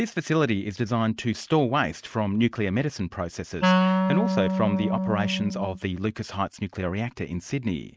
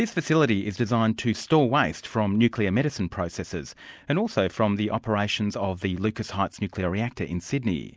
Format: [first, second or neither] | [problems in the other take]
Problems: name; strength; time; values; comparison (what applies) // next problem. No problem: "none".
second | noise reduction (neural mask model RNNoise)